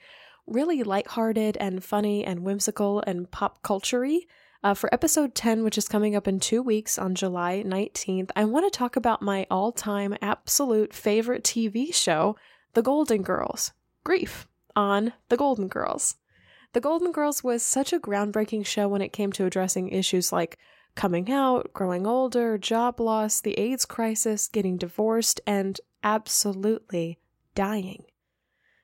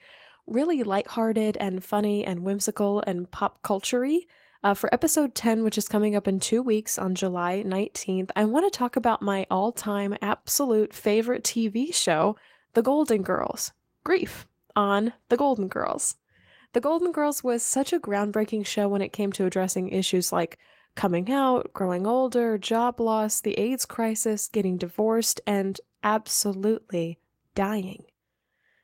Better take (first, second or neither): first